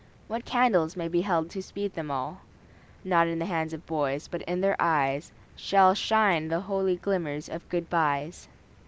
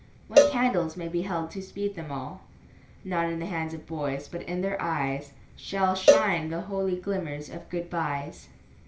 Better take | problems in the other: first | background sound (Cowbell); 3 dB above the speech // room echo; dies away in 0.4 s

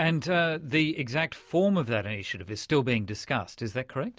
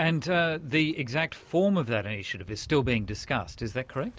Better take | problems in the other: first | background sound (Waves, surf); 20 dB below the speech

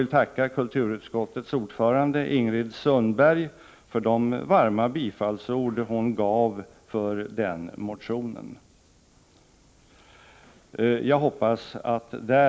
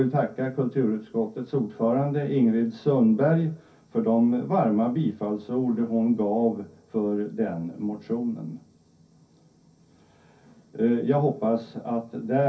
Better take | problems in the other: first | room echo; dies away in 0.3 s

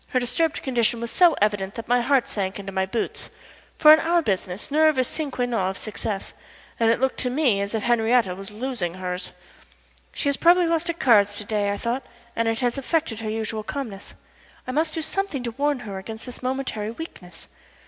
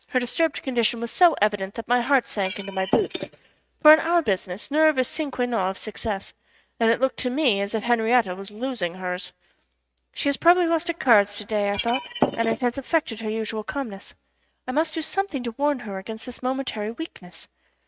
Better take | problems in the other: first | noise reduction (neural mask model RNNoise)

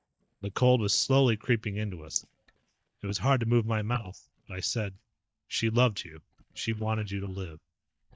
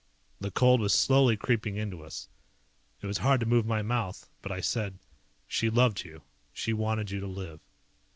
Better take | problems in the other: second | noise reduction (neural mask model DeepFilterNet 3)

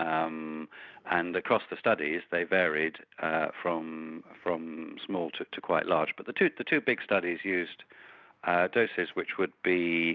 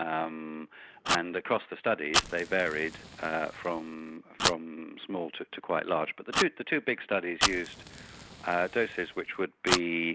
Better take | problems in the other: first | background sound (Fire); 4 dB below the speech

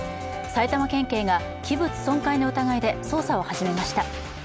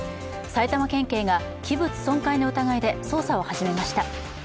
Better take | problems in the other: second | background sound (Wind instrument, woodwind instrument); 15 dB below the speech

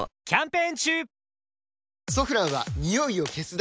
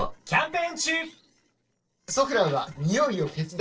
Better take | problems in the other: first | noise reduction (neural separator model SepFormer DNS4)

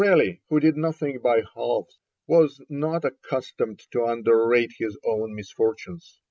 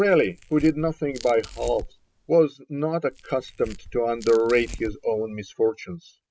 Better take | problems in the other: first | background sound (Tearing); 17 dB below the speech

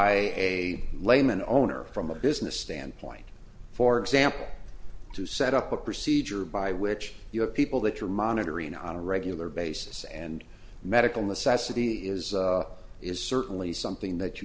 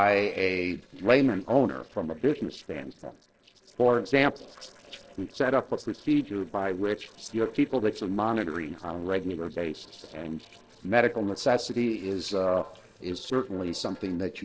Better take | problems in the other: first | noise reduction (neural separator model SepFormer DNS4)

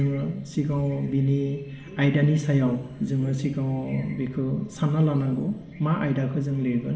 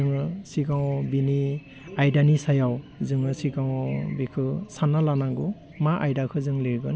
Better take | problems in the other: second | room echo; dies away in 1.7 s

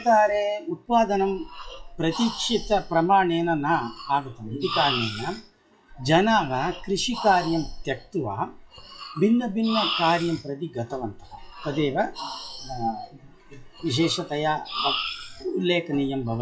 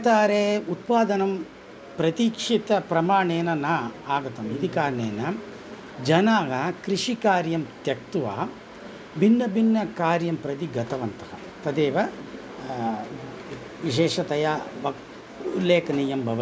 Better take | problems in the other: second | noise reduction (classical method WPE with log-MMSE)

